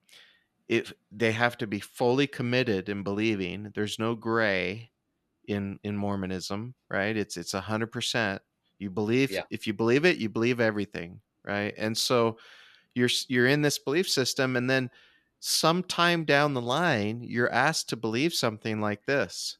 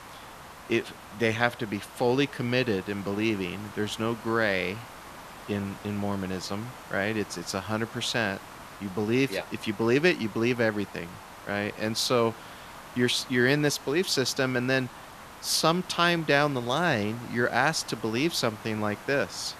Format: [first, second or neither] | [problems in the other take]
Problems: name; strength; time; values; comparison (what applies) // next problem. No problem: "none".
first | hiss; noticeable; throughout; 15 dB below the speech